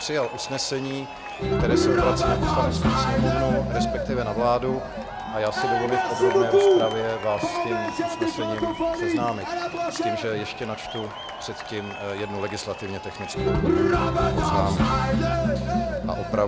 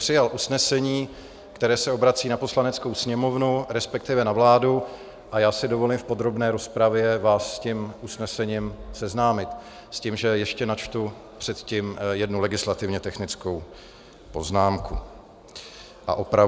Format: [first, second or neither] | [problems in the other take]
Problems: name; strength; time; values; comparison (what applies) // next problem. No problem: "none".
second | background sound (Cheering); 5 dB above the speech